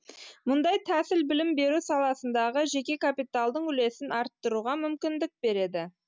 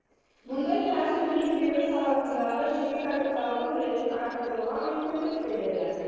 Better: first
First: none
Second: noise reduction (neural separator model SepFormer DNS4)

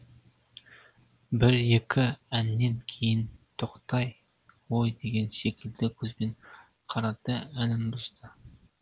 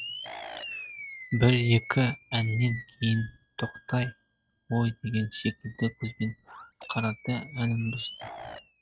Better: first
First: none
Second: noise reduction (neural mask model RNNoise)

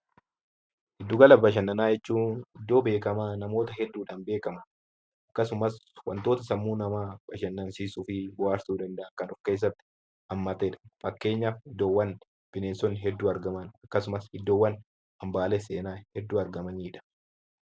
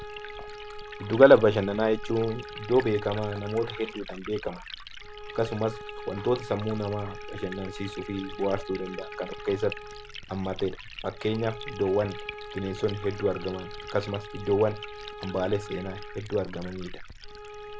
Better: first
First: none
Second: background sound (Bowed string instrument + Liquid); 11 dB below the speech

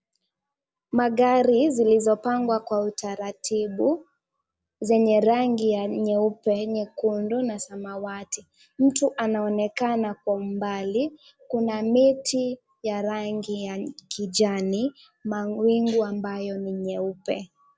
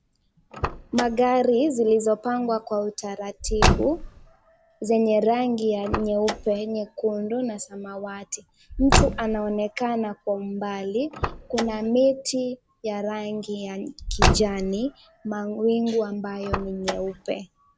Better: first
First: none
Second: background sound (Car); 5 dB below the speech

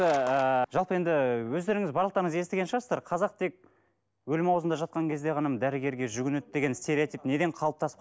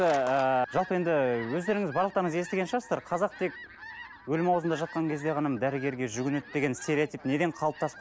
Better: first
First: none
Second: background sound (Fowl); 17 dB below the speech

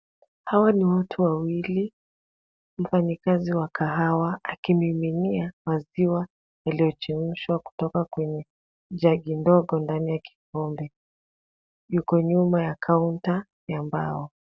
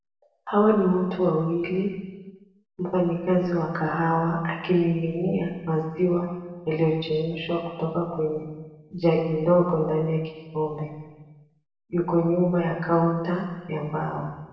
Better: first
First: none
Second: room echo; dies away in 1.1 s

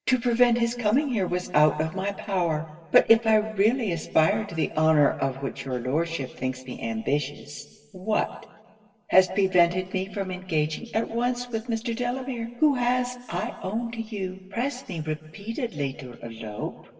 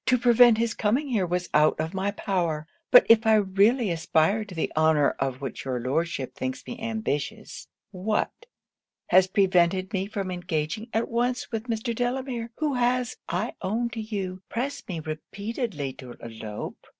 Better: second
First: room echo; dies away in 1.3 s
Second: none

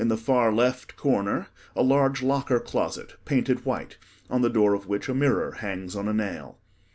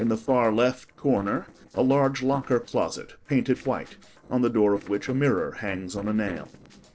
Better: first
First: none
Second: noise reduction (neural separator model SepFormer DNS4)

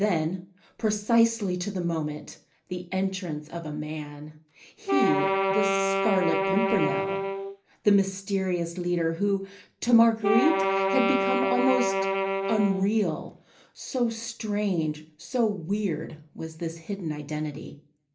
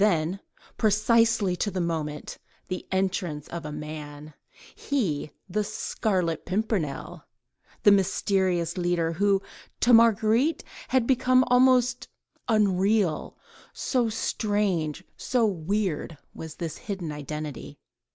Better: second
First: background sound (Wind instrument, woodwind instrument); as loud as the speech // room echo; dies away in 0.3 s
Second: none

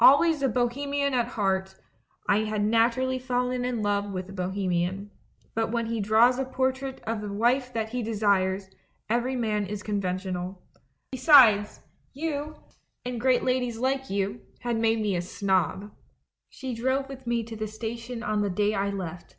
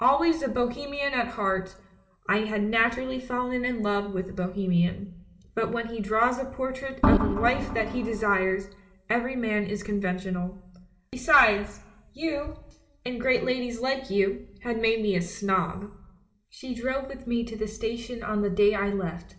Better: first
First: none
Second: background sound (Organ); 2 dB above the speech // room echo; dies away in 0.5 s

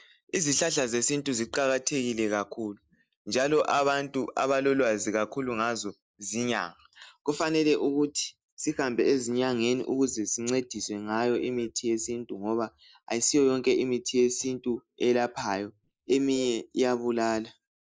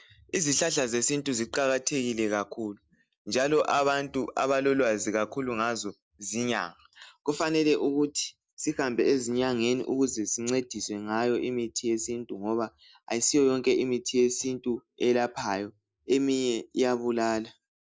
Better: second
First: noise reduction (neural mask model Resemble Enhance denoiser)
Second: none

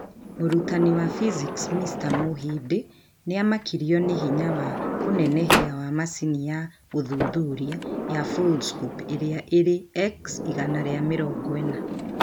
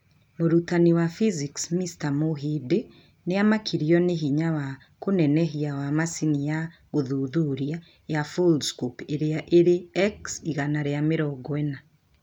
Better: second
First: background sound (Sliding door); 4 dB below the speech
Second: none

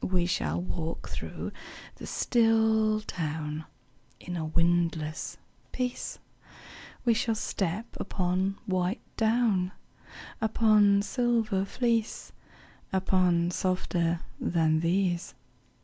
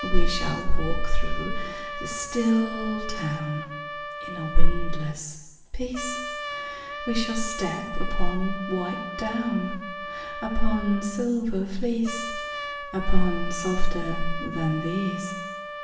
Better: first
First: none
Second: background sound (Trumpet); 12 dB below the speech // room echo; dies away in 0.9 s

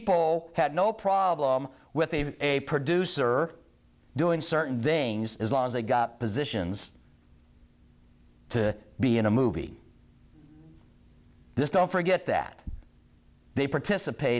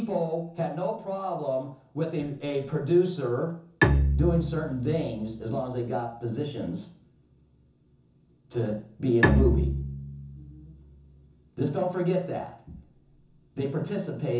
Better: first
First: none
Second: background sound (Bowed string instrument); 1 dB above the speech // room echo; dies away in 0.6 s

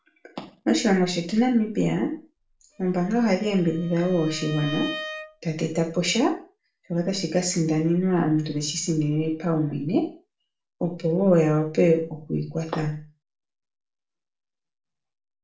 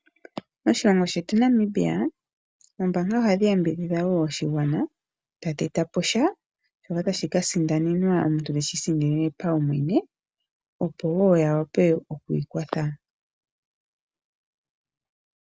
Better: second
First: background sound (Bowed string instrument); 14 dB below the speech // room echo; dies away in 0.4 s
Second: none

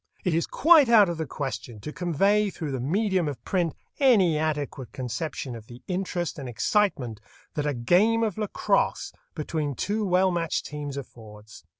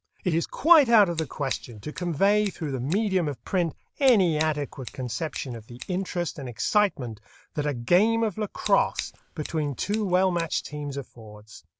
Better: first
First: none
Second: background sound (Scissors); 16 dB below the speech

